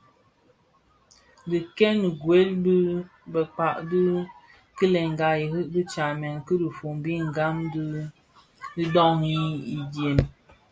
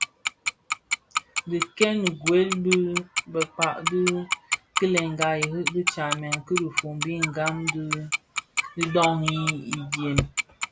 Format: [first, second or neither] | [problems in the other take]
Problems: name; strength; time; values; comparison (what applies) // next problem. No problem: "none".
first | background sound (Tick-tock); 3 dB below the speech